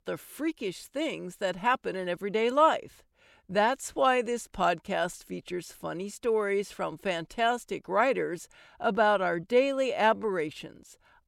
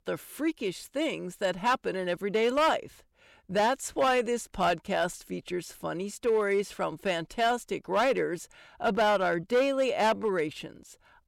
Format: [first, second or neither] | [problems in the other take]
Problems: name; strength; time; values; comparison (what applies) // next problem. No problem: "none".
first | distortion; slight; 5% of the sound clipped